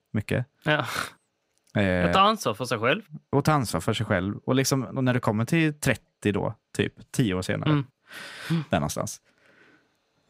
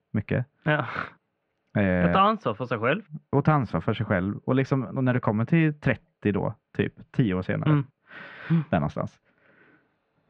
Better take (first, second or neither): first